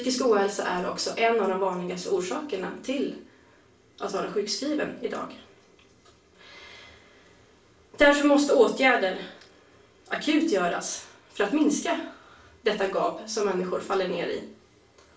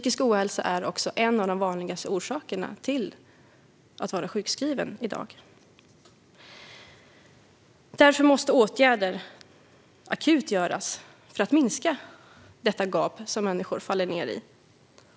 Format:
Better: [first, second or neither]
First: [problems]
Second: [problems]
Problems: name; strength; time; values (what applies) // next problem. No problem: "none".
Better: second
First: room echo; dies away in 0.4 s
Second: none